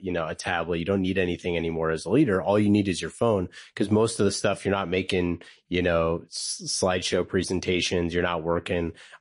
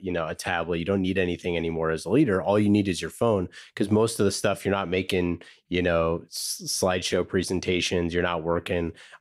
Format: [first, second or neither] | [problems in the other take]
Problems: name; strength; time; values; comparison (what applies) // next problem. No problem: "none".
second | garbled, watery; slightly; nothing above 10.5 kHz